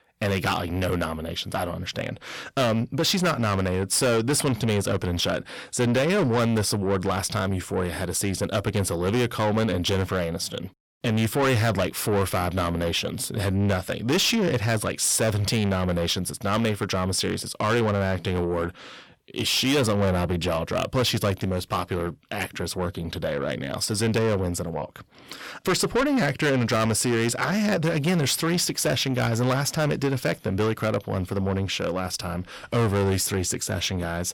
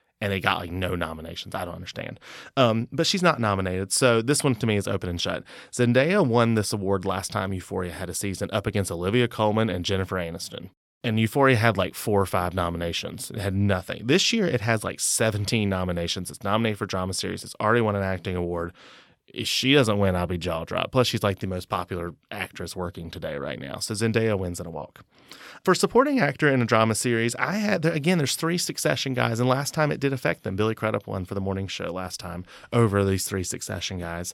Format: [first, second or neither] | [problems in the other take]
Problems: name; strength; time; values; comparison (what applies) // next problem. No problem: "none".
second | distortion; heavy; 7 dB below the speech